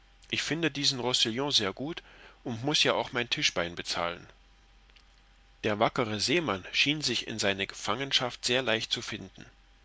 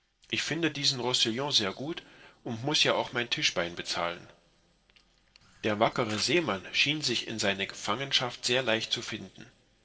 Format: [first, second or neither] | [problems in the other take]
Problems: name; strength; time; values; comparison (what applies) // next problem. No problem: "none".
first | noise reduction (neural separator model SepFormer DNS4)